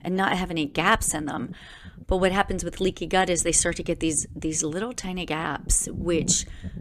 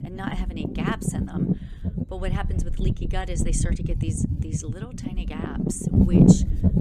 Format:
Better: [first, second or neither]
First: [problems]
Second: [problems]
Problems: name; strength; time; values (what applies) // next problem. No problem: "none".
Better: first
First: wind noise on the microphone; occasional gusts; 25 dB below the speech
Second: wind noise on the microphone; heavy; 4 dB above the speech